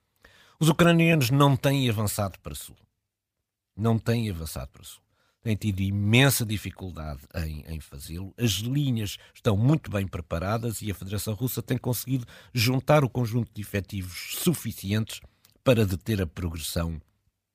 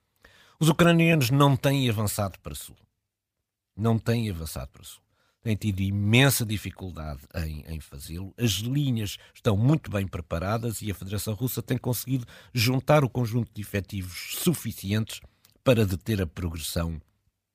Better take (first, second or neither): neither